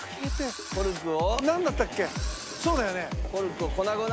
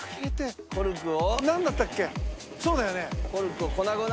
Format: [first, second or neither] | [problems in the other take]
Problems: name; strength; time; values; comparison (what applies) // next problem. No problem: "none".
second | background sound (Engine / Drill); 15 dB below the speech